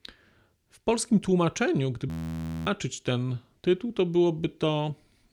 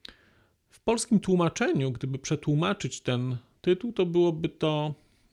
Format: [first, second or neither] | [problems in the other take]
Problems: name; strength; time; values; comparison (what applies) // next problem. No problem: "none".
second | audio freezing; at 2 s for 0.5 s